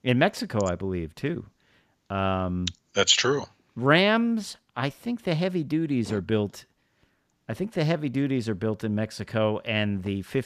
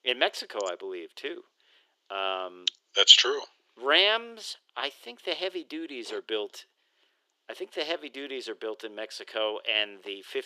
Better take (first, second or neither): first